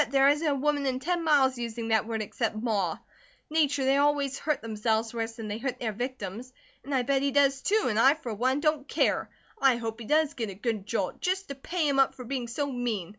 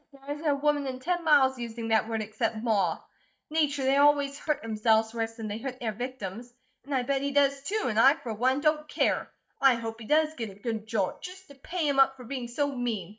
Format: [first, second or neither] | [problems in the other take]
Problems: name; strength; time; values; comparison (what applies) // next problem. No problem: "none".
first | noise reduction (neural mask model DeepFilterNet 3)